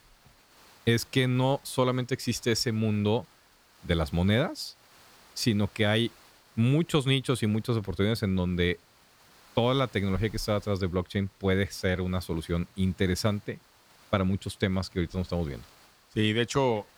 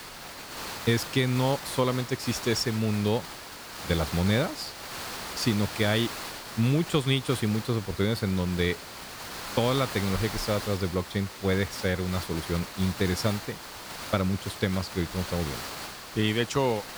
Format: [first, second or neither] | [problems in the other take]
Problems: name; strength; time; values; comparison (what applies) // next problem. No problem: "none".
first | hiss; loud; throughout; 9 dB below the speech; faint in the first